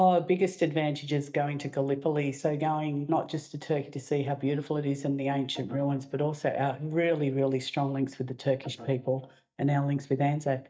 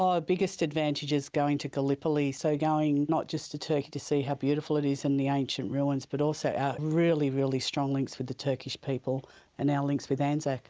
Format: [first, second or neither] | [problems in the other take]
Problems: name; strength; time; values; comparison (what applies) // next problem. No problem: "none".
second | noise reduction (neural mask model DeepFilterNet 3)